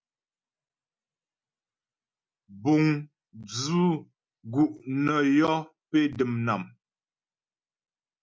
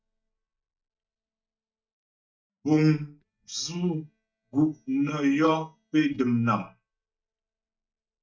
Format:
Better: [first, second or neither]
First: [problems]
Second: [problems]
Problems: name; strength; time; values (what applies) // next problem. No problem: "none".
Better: first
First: none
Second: noise reduction (neural mask model DeepFilterNet 3)